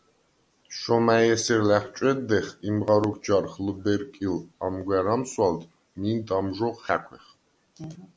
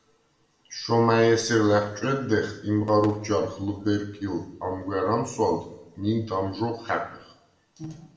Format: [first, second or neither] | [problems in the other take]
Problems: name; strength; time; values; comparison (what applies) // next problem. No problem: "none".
first | room echo; dies away in 0.7 s